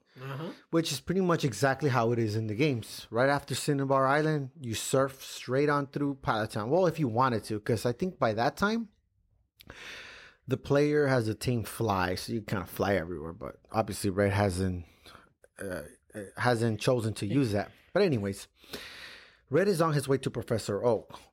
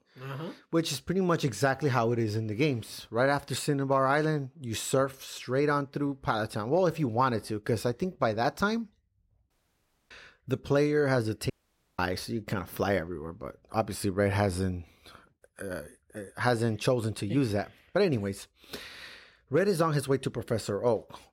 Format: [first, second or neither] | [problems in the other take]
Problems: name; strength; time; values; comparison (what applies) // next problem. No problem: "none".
first | audio cutting out; at 9.5 s for 0.5 s and at 12 s